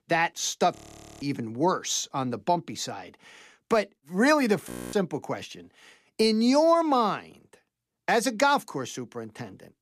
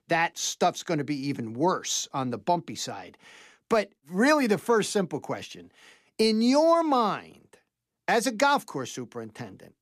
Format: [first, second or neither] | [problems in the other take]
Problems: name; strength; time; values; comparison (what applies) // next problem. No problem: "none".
second | audio freezing; at 1 s and at 4.5 s